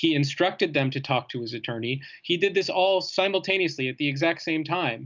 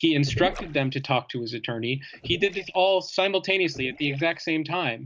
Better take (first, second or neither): first